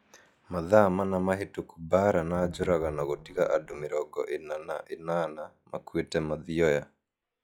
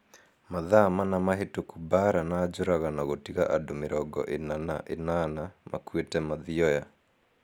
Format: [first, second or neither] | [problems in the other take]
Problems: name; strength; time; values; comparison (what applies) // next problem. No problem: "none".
second | noise reduction (classical method log-MMSE)